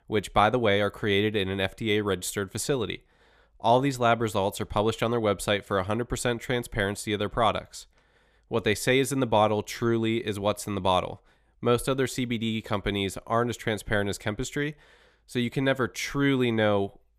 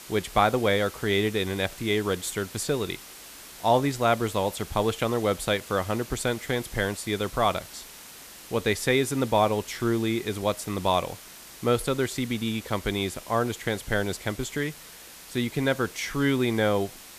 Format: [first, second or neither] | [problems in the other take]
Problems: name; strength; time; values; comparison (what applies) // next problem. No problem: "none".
first | hiss; noticeable; throughout; 15 dB below the speech